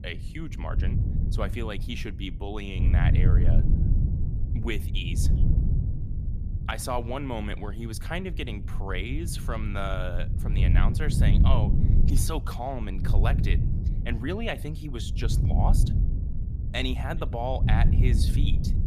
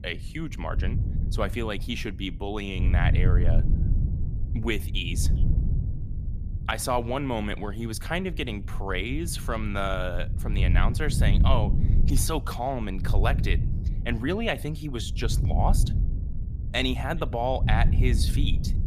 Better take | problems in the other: second | wind noise on the microphone; heavy; 6 dB below the speech; occasional gusts in the second

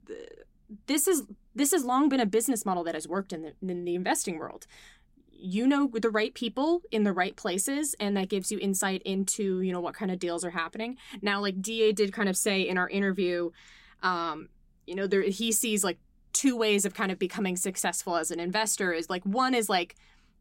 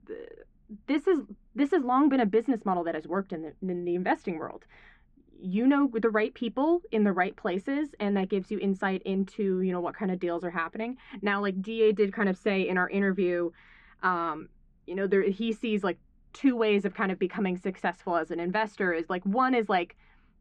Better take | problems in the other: first | muffled; very; fading above 2.5 kHz

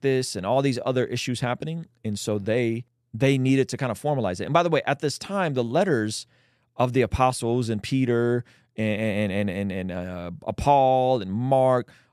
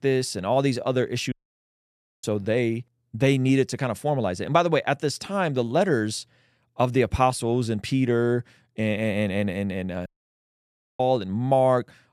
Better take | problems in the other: first | audio cutting out; at 1.5 s for 1 s and at 10 s for 1 s

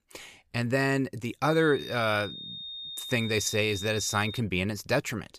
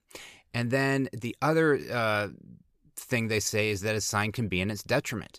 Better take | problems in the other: second | high-pitched whine; loud; from 1.5 to 4.5 s; 3.5 kHz, 10 dB below the speech

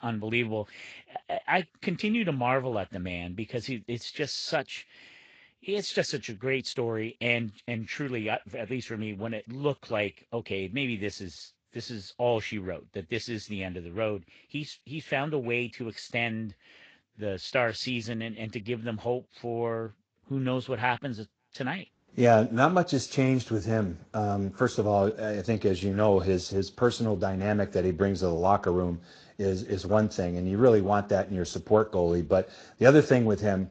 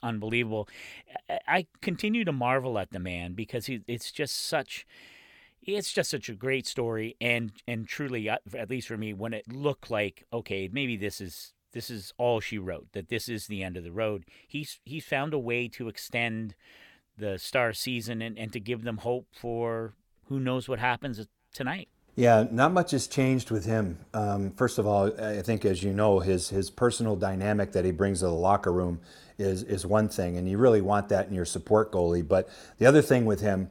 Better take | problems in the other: second | garbled, watery; slightly; nothing above 7.5 kHz

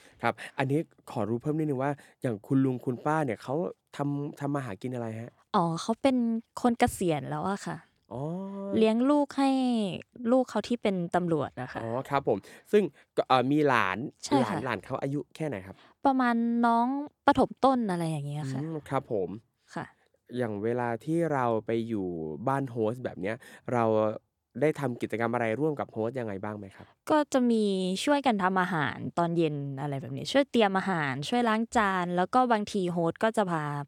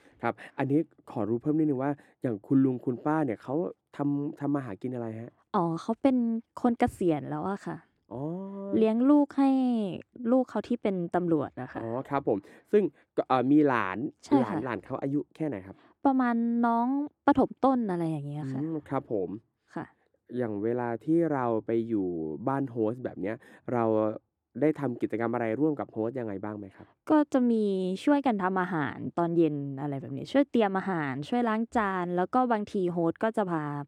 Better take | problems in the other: first | muffled; slightly; fading above 2.5 kHz

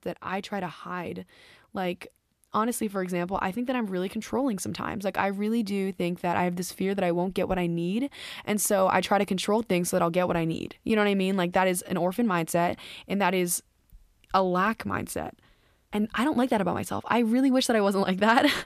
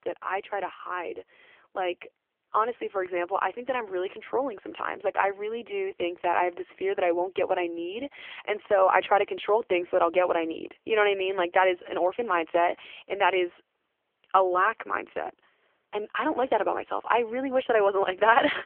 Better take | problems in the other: first | phone-call audio; poor line

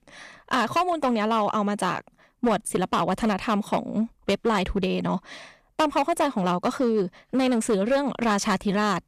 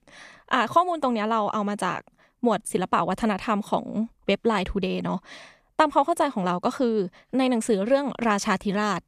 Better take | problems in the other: second | distortion; slight; 7% of the sound clipped

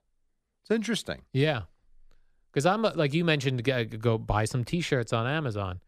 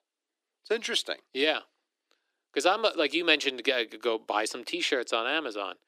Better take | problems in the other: first | thin; very; fading below 300 Hz

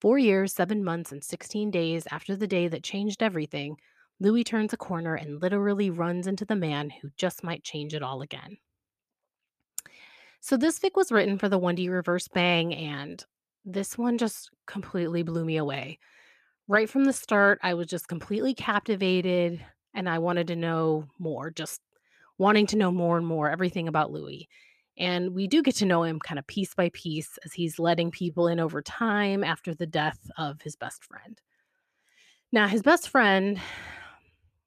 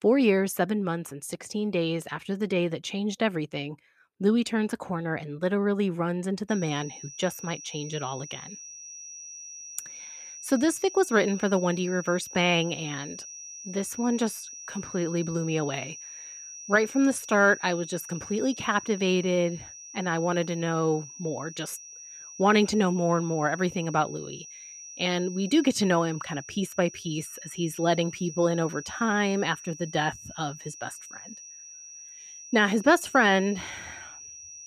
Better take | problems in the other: first | high-pitched whine; noticeable; from 6.5 s on; 6 kHz, 15 dB below the speech

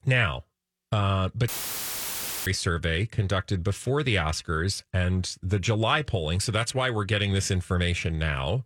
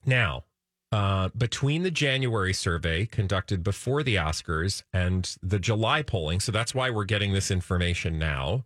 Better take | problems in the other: second | audio cutting out; filled with static; at 1.5 s for 1 s

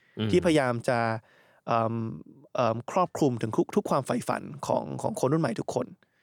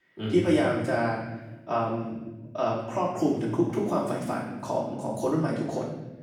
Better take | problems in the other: first | off-mic speech; far // room echo; noticeable; dies away in 1.2 s

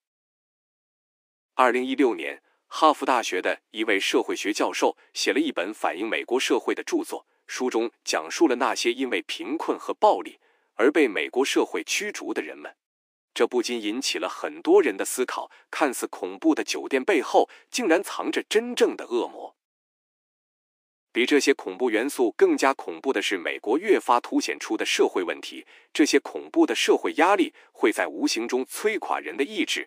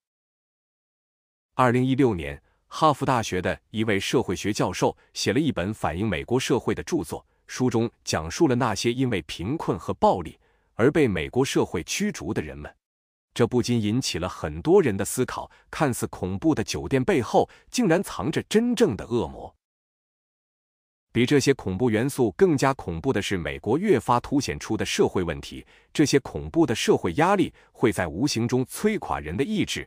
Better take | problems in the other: second | thin; somewhat; fading below 300 Hz

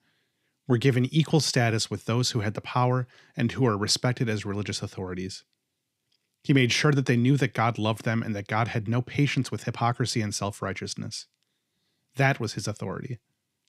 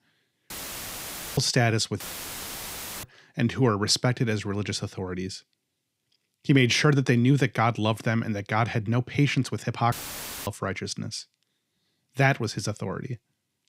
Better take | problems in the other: first | audio cutting out; filled with static; at 0.5 s for 1 s, at 2 s for 1 s and at 10 s for 0.5 s

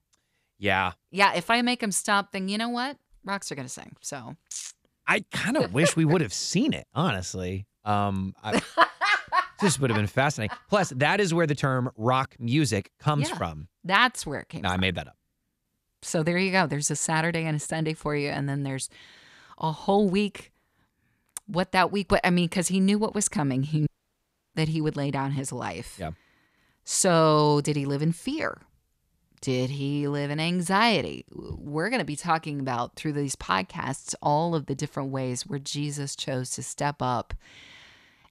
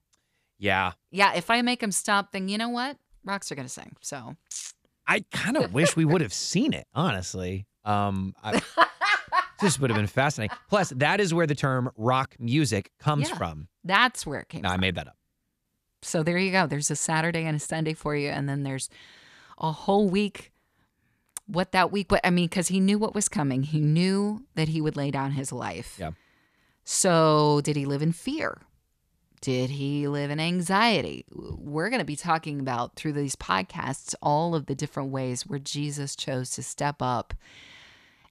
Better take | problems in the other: second | audio cutting out; at 24 s for 0.5 s

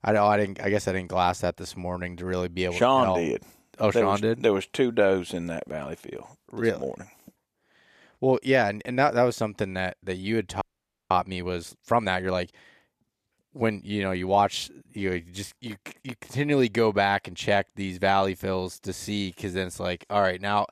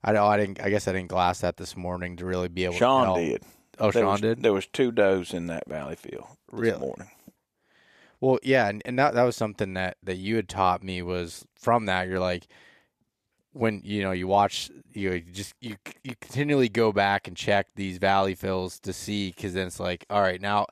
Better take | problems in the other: second | audio freezing; at 11 s

